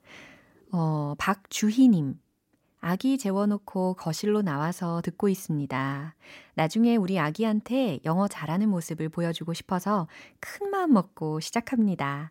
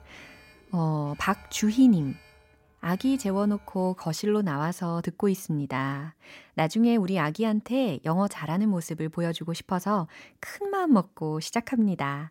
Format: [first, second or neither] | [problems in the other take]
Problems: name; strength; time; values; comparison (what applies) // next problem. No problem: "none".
first | alarms or sirens; faint; until 4.5 s; 25 dB below the speech